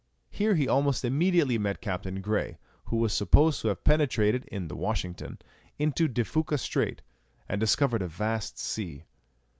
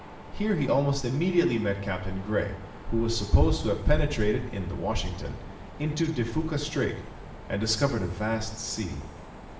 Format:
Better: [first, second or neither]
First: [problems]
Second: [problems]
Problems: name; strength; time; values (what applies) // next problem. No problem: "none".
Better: first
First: none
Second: background sound (Mechanisms); 15 dB below the speech // room echo; dies away in 1.4 s